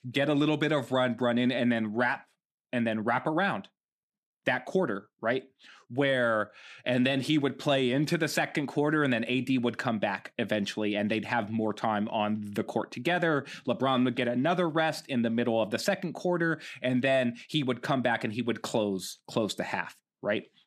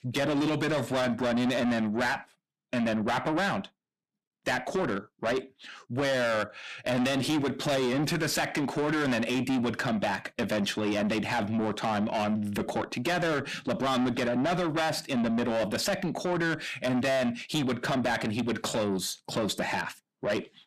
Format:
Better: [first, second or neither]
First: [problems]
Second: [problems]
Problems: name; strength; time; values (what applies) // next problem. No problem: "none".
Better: first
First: none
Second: distortion; heavy; 6 dB below the speech